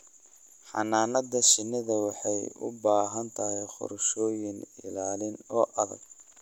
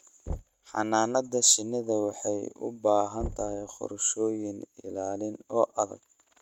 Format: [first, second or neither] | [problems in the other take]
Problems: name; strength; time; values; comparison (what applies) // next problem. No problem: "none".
first | noise reduction (neural mask model RNNoise)